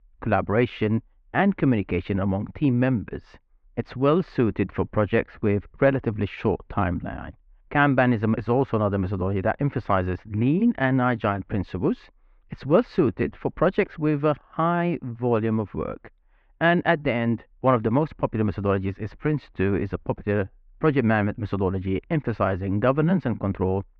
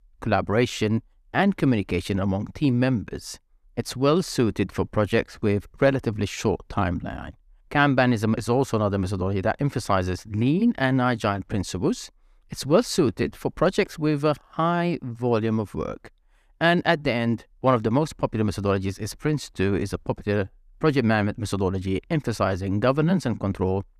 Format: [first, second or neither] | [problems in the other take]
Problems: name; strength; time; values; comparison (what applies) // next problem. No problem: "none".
second | muffled; very; fading above 2.5 kHz